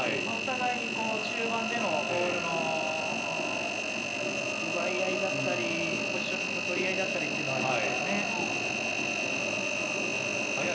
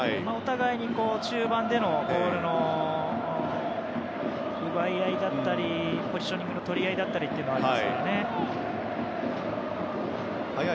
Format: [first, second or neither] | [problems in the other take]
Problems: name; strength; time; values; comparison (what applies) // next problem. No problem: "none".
second | background sound (Engine); as loud as the speech // room echo; dies away in 0.5 s